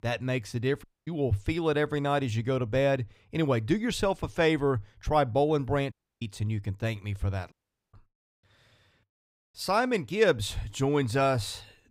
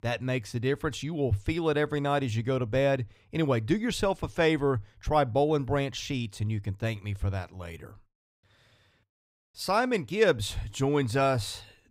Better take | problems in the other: second | audio cutting out; at 1 s, at 6 s and at 7.5 s

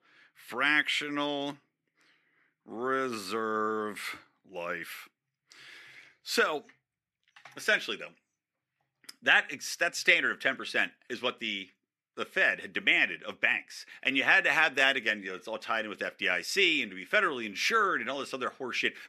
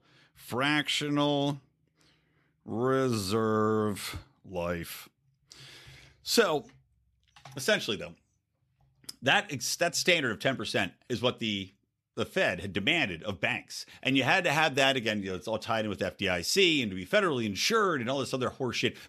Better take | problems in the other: second | thin; somewhat; fading below 300 Hz

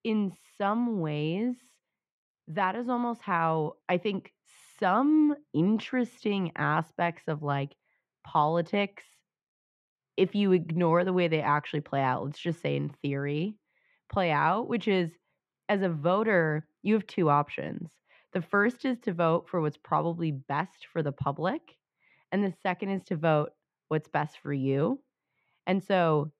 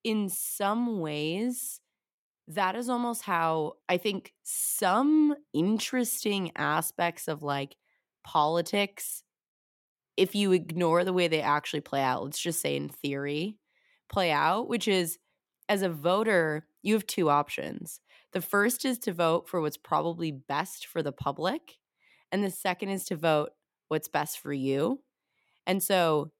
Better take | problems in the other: second | muffled; very; fading above 2 kHz

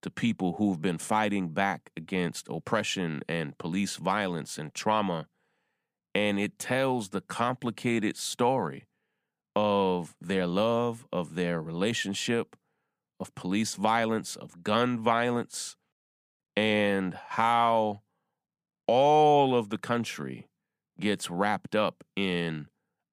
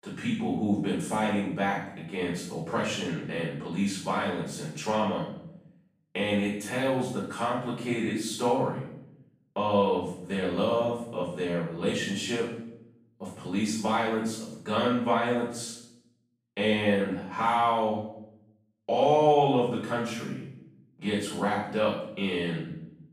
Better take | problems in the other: first | room echo; noticeable; dies away in 0.7 s // off-mic speech; far

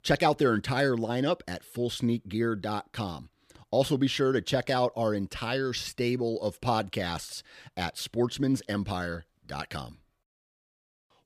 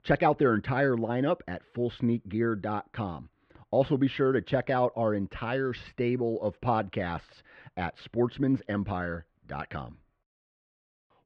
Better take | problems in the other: first | muffled; very; fading above 2.5 kHz

